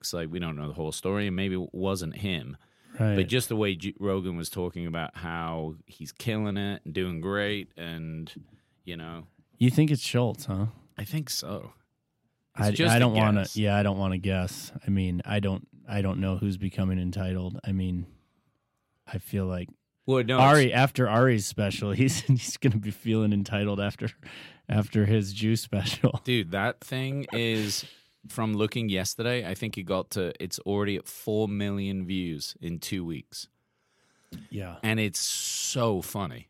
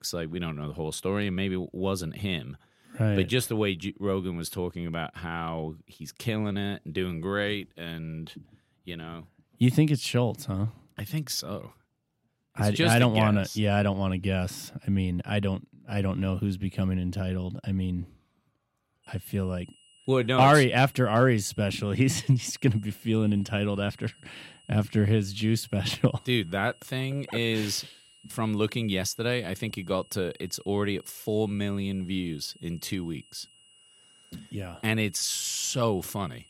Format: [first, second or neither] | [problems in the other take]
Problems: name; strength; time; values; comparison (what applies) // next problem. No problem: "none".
first | high-pitched whine; faint; from 19 s on; 3 kHz, 30 dB below the speech